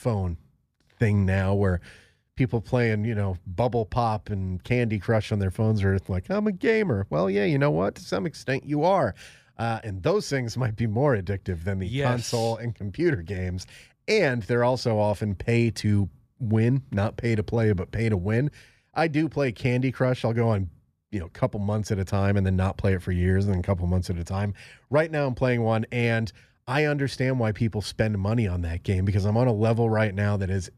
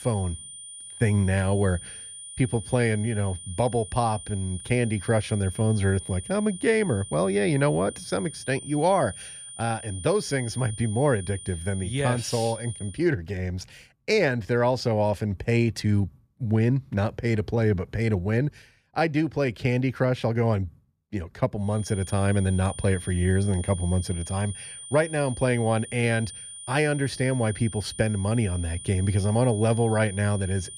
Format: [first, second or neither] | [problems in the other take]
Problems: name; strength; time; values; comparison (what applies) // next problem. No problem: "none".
first | high-pitched whine; noticeable; until 13 s and from 22 s on; 9 kHz, 10 dB below the speech